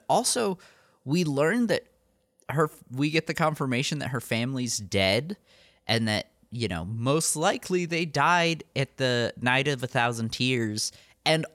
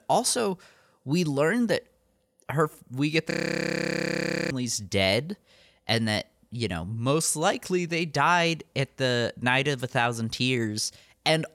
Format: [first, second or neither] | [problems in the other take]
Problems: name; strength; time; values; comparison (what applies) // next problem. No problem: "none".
first | audio freezing; at 3.5 s for 1 s